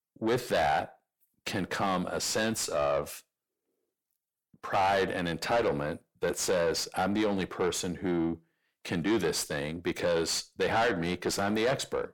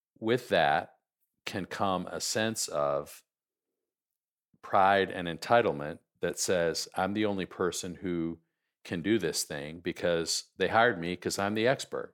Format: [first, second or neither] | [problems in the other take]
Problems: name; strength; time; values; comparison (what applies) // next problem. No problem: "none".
second | distortion; heavy; 6 dB below the speech